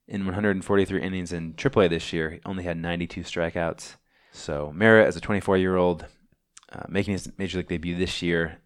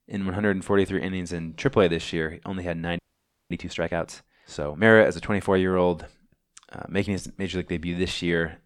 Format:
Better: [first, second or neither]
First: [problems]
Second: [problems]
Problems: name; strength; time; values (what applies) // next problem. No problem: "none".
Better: first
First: none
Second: audio freezing; at 3 s for 0.5 s